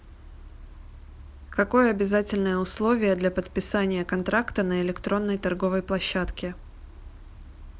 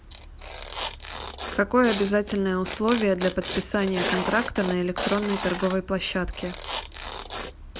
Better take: first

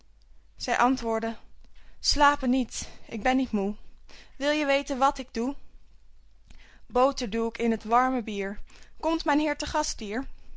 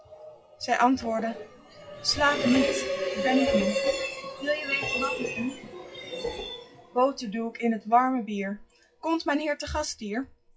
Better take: first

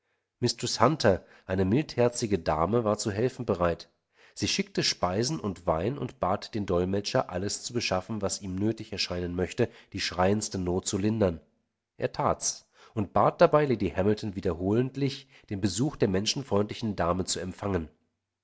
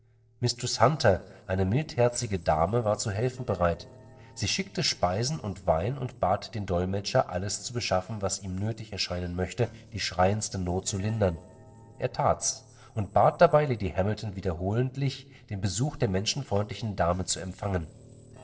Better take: first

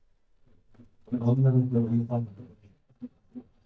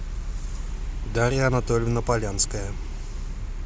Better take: second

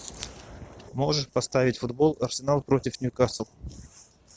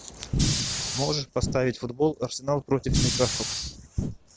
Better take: first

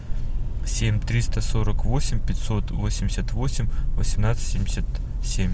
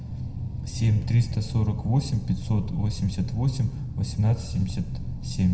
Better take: first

